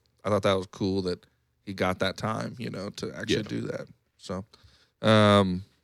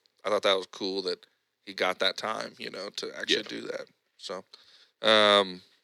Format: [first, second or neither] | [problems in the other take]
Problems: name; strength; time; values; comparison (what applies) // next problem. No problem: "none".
first | thin; somewhat; fading below 400 Hz